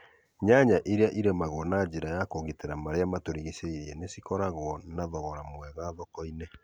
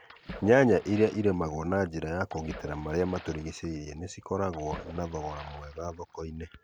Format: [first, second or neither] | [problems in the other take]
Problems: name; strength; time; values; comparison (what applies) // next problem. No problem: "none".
first | background sound (Splash, splatter); 19 dB below the speech